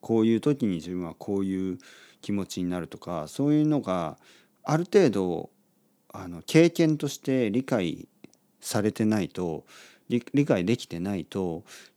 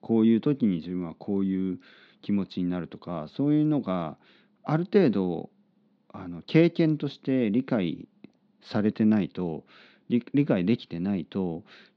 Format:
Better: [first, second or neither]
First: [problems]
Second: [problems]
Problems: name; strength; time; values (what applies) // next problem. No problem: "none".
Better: first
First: none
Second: muffled; very slightly; fading above 4 kHz